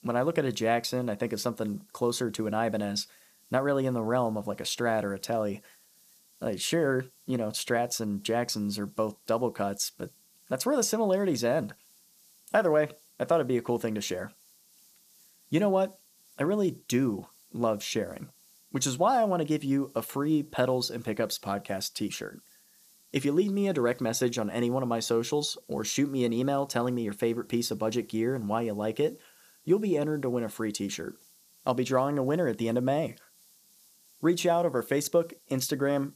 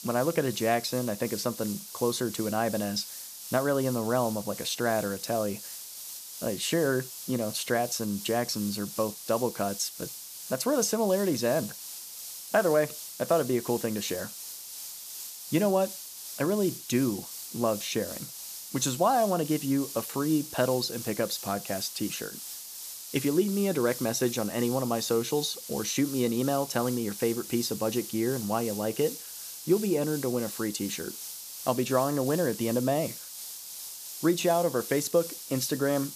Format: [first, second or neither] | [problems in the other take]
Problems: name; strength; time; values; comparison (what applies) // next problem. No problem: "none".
first | hiss; loud; throughout; 9 dB below the speech; faint in the first